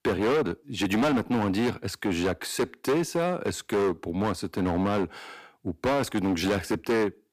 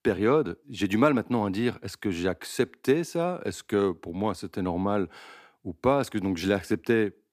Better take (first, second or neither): second